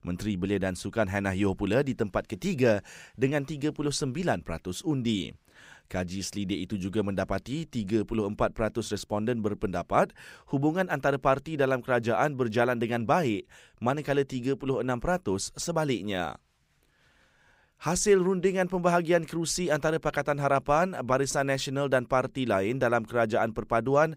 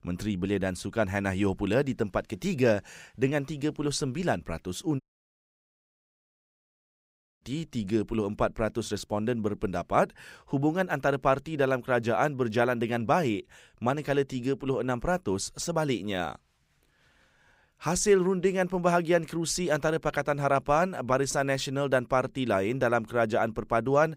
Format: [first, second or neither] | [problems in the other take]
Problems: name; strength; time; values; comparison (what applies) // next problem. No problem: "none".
first | audio cutting out; at 5 s for 2.5 s